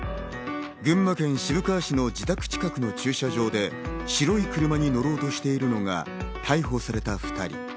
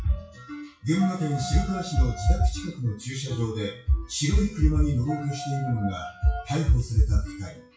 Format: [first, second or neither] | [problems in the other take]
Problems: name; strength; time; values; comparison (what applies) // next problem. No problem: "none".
first | noise reduction (classical method WPE with log-MMSE)